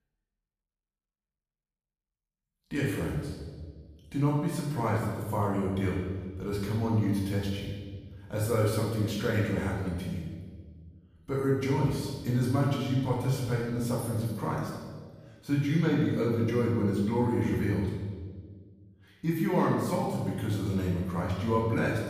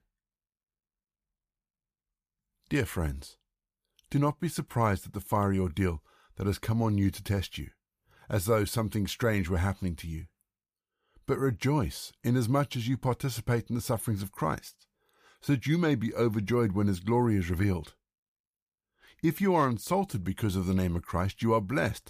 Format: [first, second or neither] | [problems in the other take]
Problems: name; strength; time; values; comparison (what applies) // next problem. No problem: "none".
second | room echo; noticeable; dies away in 1.3 s // off-mic speech; far